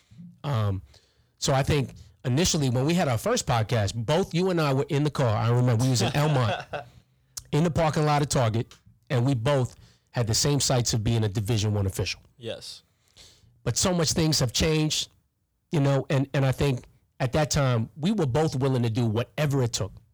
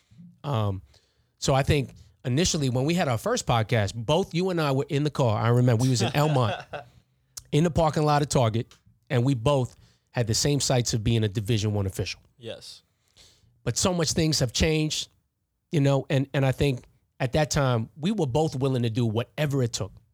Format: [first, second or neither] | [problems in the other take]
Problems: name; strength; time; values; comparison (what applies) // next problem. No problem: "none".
second | distortion; slight; 10 dB below the speech